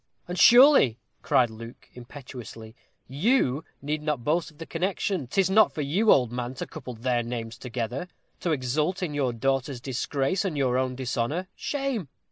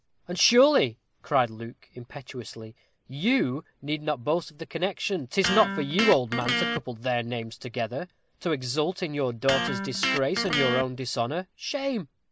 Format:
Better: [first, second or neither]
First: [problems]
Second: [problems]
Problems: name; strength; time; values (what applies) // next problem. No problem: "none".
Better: first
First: none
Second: background sound (Electric guitar); 4 dB below the speech